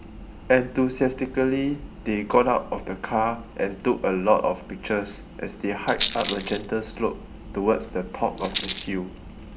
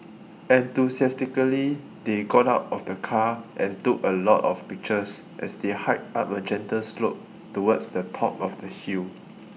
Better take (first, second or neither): second